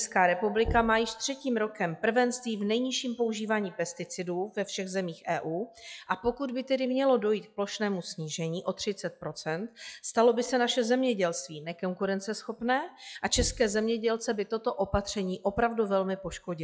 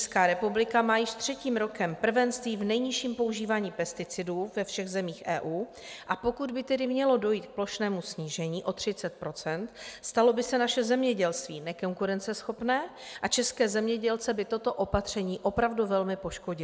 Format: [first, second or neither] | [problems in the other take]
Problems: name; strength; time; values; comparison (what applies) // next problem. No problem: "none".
second | noise reduction (classical method log-MMSE)